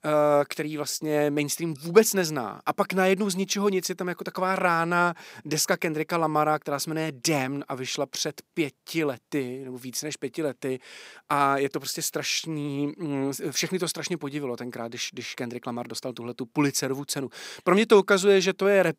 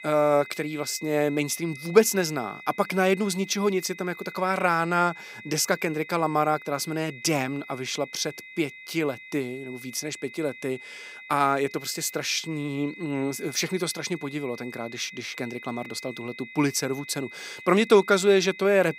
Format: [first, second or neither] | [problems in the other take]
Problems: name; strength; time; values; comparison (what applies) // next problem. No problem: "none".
first | high-pitched whine; noticeable; throughout; 2 kHz, 15 dB below the speech